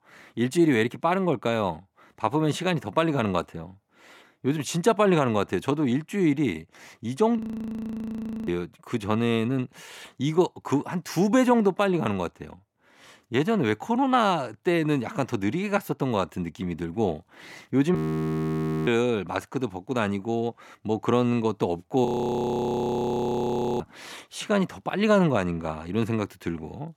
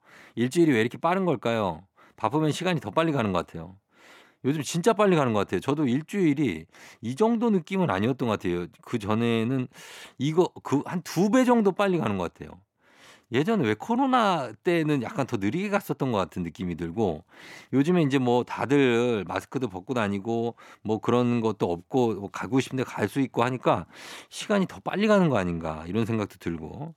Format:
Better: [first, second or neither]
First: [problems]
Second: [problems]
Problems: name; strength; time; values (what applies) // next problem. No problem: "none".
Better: second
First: audio freezing; at 7.5 s for 1 s, at 18 s for 1 s and at 22 s for 2 s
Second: none